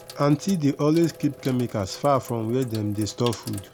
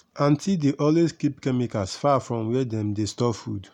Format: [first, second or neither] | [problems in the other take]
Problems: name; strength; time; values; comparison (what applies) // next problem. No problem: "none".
second | background sound (Sink (filling or washing)); 18 dB below the speech